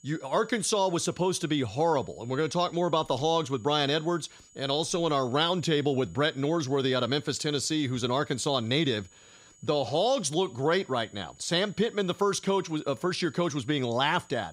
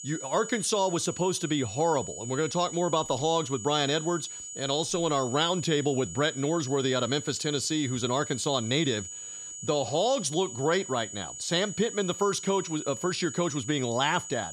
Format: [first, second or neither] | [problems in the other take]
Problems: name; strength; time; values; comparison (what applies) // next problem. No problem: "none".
first | high-pitched whine; loud; throughout; 7 kHz, 10 dB below the speech; faint in the first